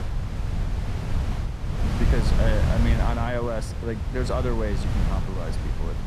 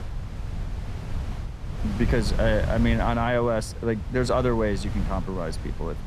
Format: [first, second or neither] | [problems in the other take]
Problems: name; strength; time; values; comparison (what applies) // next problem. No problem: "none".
second | wind noise on the microphone; heavy; 5 dB below the speech; occasional gusts in the second